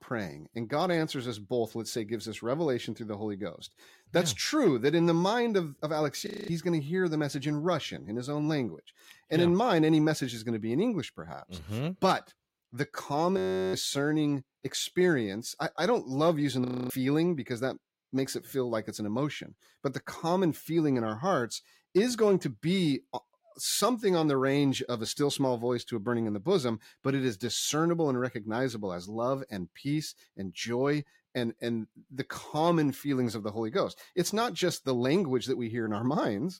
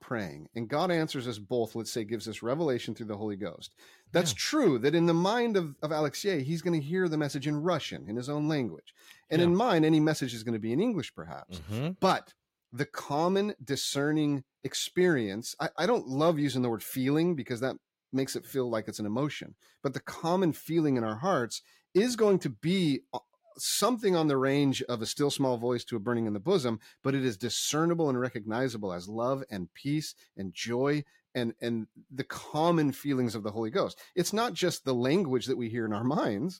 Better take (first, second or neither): second